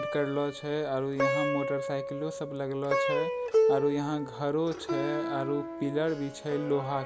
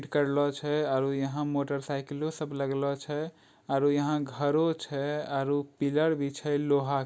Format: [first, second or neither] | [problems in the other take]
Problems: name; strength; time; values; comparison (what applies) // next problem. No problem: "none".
second | background sound (Plucked string instrument); as loud as the speech